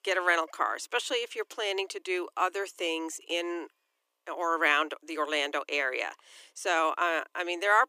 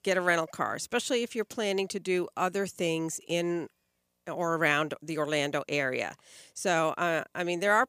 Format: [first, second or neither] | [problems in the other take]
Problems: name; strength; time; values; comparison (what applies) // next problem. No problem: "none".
second | thin; very; fading below 300 Hz